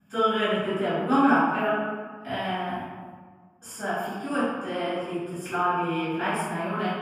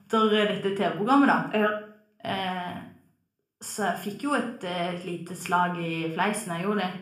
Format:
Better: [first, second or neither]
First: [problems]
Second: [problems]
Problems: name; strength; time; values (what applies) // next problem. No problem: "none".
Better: second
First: room echo; strong; dies away in 1.4 s // off-mic speech; far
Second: room echo; slight; dies away in 0.5 s // off-mic speech; somewhat distant